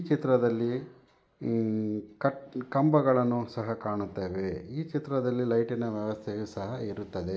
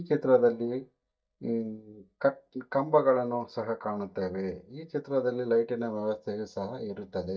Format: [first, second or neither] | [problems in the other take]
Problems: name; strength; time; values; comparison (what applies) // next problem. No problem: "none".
first | noise reduction (neural mask model DeepFilterNet 3)